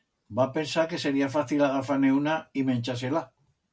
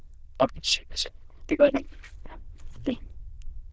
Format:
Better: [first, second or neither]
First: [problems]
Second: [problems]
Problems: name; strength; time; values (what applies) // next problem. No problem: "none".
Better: first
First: none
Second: noise reduction (neural diffusion model UNIVERSE++)